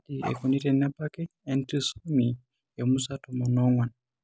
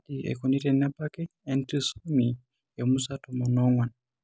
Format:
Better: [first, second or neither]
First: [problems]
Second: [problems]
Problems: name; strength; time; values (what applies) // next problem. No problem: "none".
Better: second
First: background sound (Dog); 13 dB below the speech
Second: none